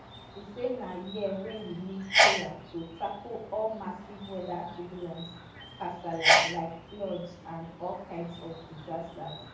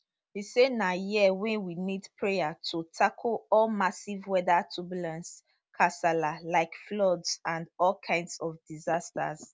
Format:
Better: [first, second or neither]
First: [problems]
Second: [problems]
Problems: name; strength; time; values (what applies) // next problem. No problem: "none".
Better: second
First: background sound (Sneeze); 4 dB above the speech // room echo; dies away in 0.7 s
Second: none